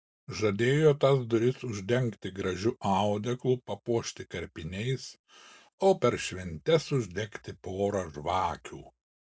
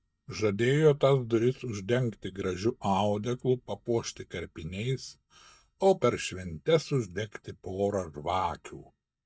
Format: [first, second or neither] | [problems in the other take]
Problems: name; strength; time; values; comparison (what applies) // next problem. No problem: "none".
first | noise reduction (neural mask model DeepFilterNet 3)